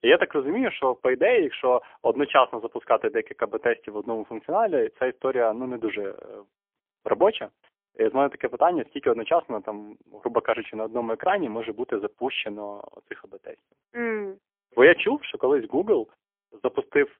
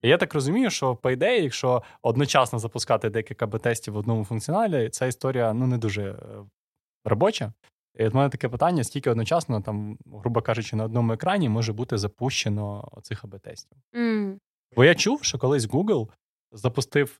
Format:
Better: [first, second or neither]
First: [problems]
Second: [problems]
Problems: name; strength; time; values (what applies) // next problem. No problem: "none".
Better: second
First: phone-call audio; poor line; nothing above 3.5 kHz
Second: none